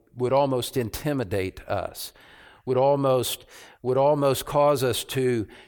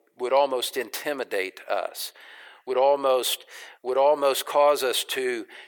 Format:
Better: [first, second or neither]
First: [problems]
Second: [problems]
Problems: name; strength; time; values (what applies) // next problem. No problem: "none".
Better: first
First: none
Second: thin; somewhat; fading below 400 Hz